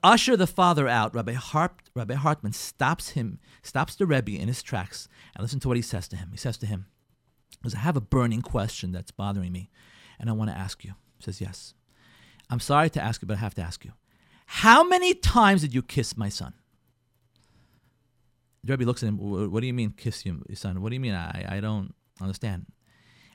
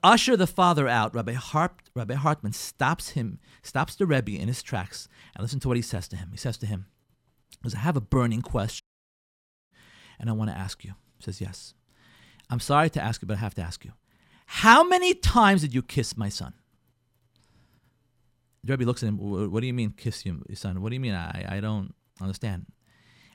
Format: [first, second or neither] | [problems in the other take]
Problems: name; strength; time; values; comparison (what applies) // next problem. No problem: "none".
first | audio cutting out; at 9 s for 1 s